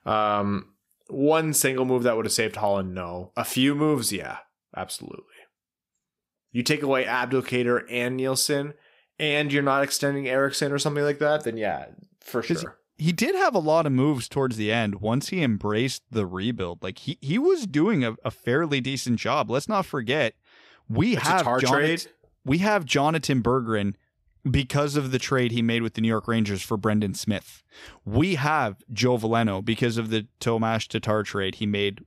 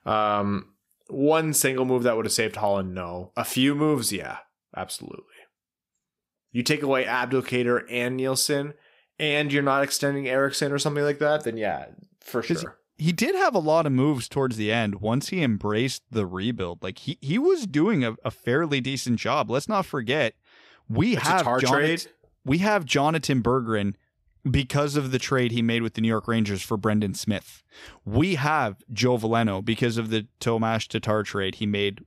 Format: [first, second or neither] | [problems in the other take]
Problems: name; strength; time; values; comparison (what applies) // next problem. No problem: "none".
neither | none